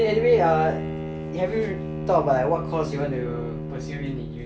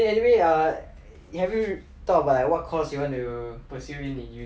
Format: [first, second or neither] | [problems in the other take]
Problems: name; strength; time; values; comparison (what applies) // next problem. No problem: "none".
second | background sound (Bowed string instrument); 6 dB below the speech